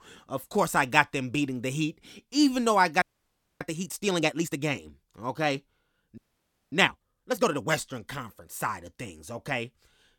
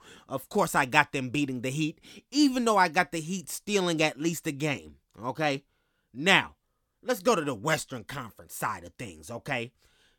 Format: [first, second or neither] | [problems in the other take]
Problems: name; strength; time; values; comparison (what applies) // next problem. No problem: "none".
second | audio freezing; at 3 s for 0.5 s and at 6 s for 0.5 s